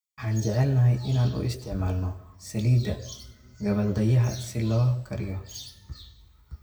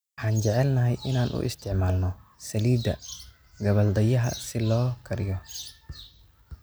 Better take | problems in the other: second | room echo; dies away in 0.7 s

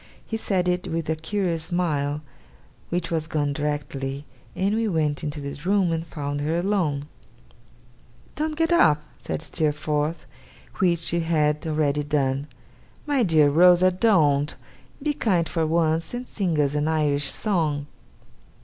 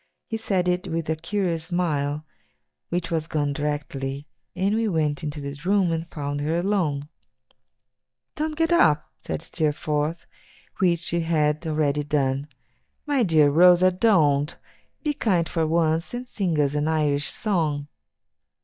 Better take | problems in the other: first | noise reduction (neural mask model DeepFilterNet 3)

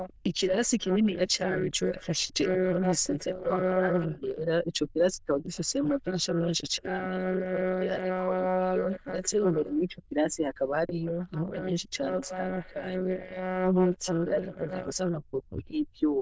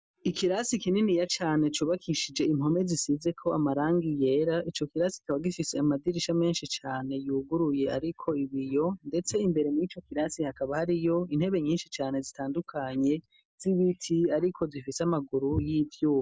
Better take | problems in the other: second | noise reduction (neural diffusion model UNIVERSE++)

